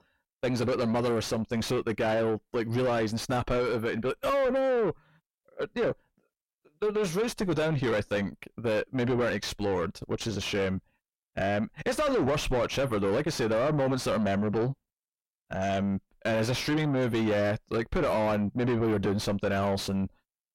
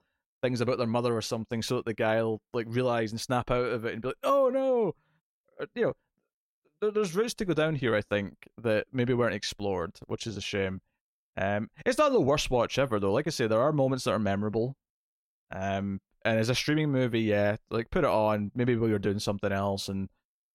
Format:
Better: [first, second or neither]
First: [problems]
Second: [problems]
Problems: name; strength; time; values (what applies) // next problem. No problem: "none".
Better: second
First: distortion; heavy; 6 dB below the speech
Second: none